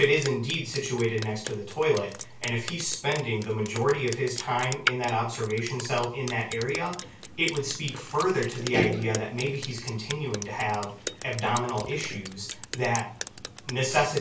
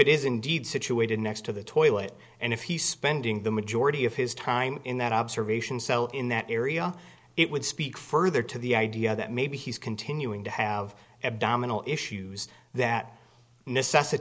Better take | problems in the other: second | background sound (Drip); 9 dB below the speech // room echo; dies away in 0.3 s

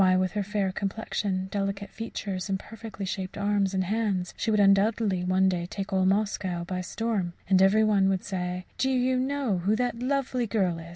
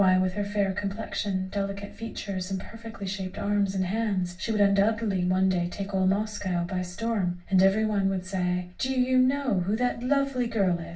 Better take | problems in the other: first | room echo; dies away in 0.3 s

